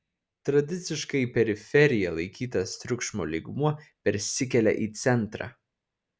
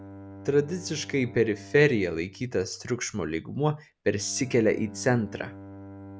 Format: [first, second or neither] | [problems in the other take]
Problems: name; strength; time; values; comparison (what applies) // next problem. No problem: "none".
first | background sound (Bowed string instrument); 18 dB below the speech